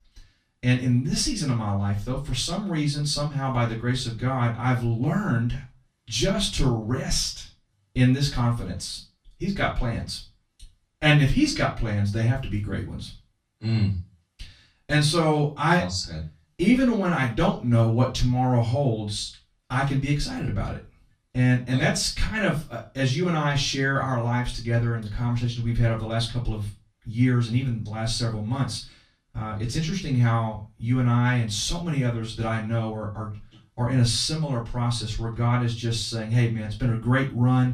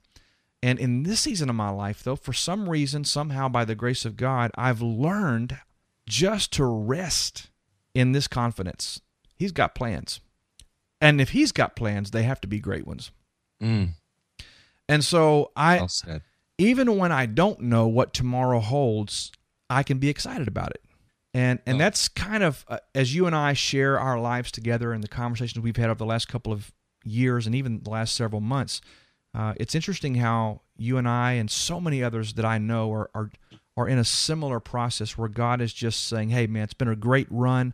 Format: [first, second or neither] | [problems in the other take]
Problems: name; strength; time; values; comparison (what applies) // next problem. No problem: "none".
second | off-mic speech; far // room echo; very slight; dies away in 0.3 s